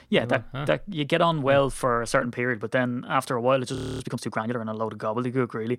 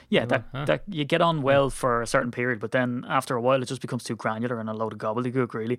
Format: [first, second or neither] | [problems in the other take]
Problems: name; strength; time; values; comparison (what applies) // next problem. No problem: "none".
second | audio freezing; at 4 s